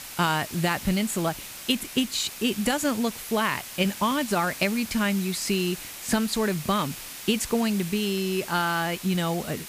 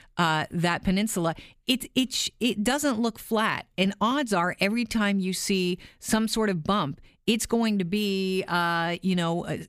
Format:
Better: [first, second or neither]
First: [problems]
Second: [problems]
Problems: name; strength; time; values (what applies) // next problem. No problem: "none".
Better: second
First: hiss; noticeable; throughout; 10 dB below the speech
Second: none